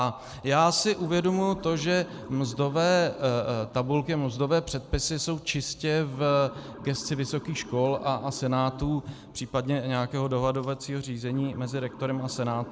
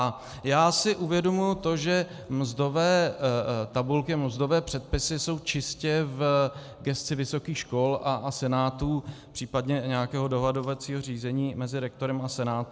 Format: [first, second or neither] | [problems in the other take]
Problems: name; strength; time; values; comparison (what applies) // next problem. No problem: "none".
second | background sound (Motor vehicle (road) / Siren); 19 dB below the speech